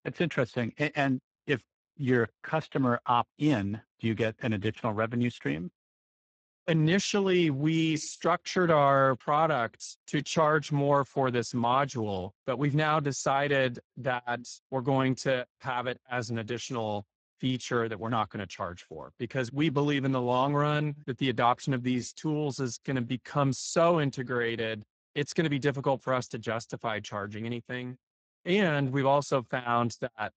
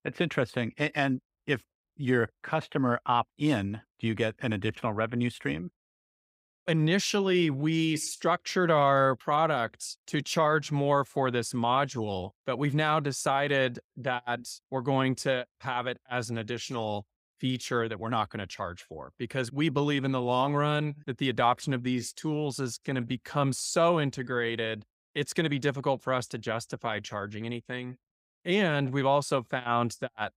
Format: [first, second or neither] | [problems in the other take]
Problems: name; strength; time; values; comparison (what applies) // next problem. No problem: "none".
second | garbled, watery; badly; nothing above 7.5 kHz